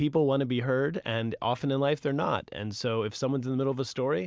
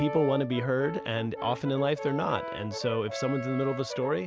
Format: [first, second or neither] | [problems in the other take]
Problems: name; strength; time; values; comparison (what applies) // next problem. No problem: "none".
first | background sound (Brass instrument); 8 dB below the speech